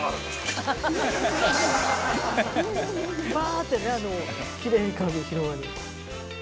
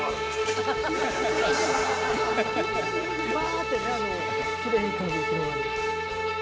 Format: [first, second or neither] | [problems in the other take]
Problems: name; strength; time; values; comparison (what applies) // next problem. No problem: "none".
first | background sound (Bowed string instrument); 2 dB above the speech